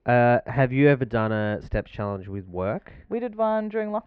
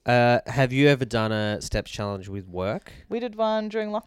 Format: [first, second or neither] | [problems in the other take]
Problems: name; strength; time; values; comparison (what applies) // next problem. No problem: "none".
second | muffled; very; fading above 2 kHz